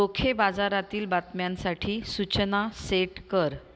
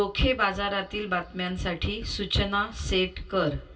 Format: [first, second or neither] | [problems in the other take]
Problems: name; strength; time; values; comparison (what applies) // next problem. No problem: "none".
first | room echo; dies away in 0.2 s